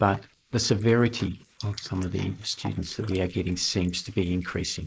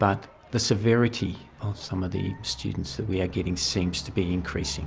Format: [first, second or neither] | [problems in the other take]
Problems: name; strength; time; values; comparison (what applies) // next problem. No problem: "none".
second | noise reduction (neural mask model Resemble Enhance denoiser)